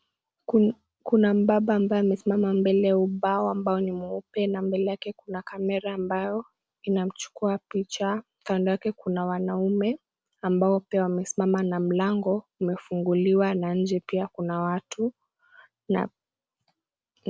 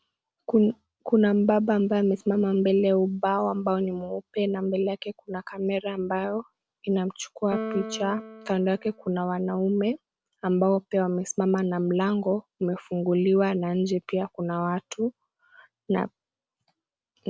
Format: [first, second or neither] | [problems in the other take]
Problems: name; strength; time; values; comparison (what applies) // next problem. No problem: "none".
first | background sound (Piano); 14 dB below the speech